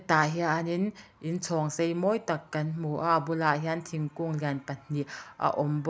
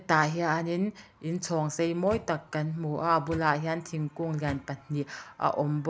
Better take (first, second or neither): first